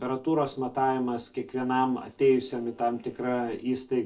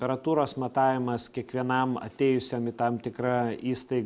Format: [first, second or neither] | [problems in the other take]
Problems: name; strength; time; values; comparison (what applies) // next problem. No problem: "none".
second | noise reduction (neural separator model SepFormer DNS4)